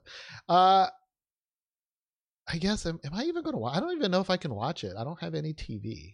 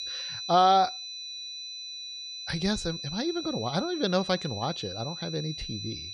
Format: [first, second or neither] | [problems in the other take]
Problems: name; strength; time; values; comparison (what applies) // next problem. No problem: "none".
first | high-pitched whine; loud; throughout; 4 kHz, 8 dB below the speech